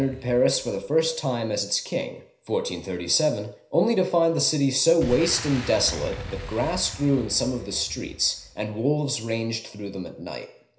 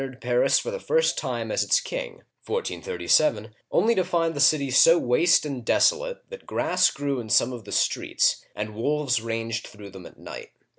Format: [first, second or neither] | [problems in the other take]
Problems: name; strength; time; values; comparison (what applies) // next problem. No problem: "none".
second | background sound (Boom); 16 dB below the speech // room echo; dies away in 0.5 s